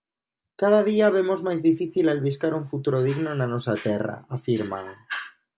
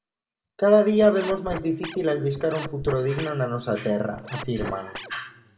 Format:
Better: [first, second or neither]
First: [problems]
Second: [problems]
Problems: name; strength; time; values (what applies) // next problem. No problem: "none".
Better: first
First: none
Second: background sound (Scratching (performance technique)); 13 dB below the speech // room echo; dies away in 1.6 s